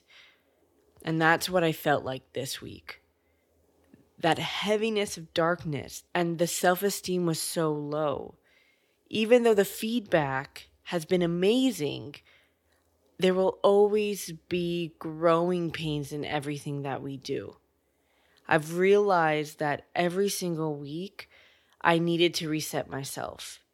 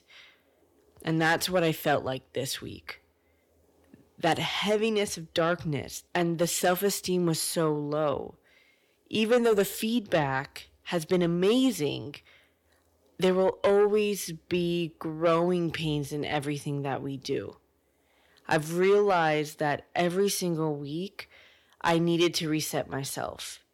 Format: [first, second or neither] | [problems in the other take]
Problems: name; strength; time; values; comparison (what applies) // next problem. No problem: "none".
first | distortion; slight; 10 dB below the speech